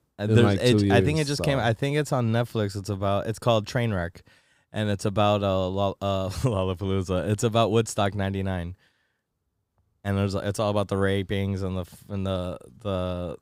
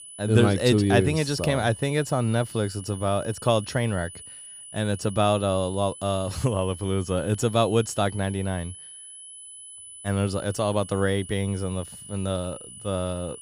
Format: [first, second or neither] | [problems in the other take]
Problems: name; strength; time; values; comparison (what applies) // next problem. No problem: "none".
first | high-pitched whine; noticeable; throughout; 10 kHz, 15 dB below the speech